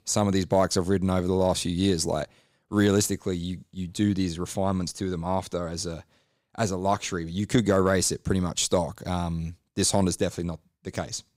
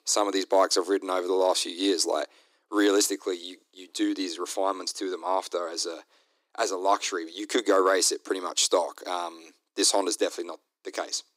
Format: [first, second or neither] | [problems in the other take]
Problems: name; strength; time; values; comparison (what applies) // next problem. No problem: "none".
first | thin; somewhat; fading below 300 Hz